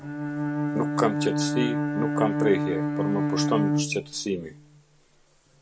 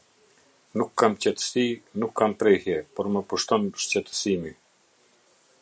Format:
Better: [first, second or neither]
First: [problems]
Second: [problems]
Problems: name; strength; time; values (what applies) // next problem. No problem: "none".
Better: second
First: background sound (Bowed string instrument); 2 dB above the speech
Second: none